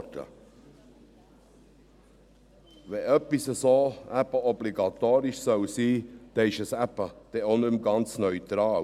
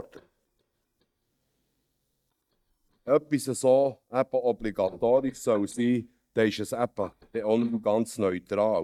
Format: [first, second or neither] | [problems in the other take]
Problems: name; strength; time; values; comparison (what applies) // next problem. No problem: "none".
first | noise reduction (neural mask model DeepFilterNet 3)